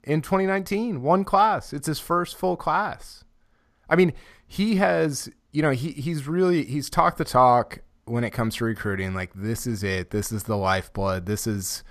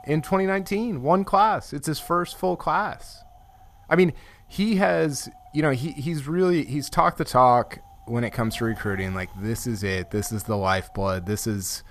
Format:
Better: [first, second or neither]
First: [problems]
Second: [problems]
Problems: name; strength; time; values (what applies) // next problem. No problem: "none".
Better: first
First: none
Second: wind noise on the microphone; occasional gusts; 25 dB below the speech